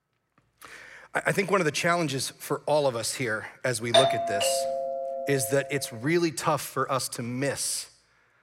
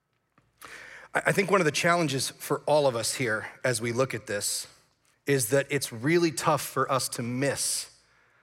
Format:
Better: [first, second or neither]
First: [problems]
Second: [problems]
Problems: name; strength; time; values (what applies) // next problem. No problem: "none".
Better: second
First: doorbell; loud; from 4 to 5.5 s; peak 6 dB above the speech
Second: none